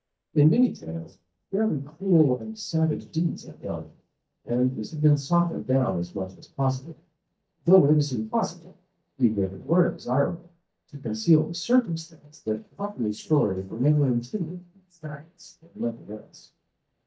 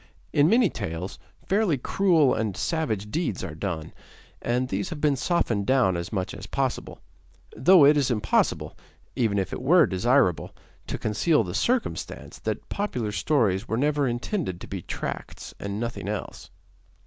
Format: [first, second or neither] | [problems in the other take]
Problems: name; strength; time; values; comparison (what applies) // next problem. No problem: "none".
second | noise reduction (neural mask model DeepFilterNet 3)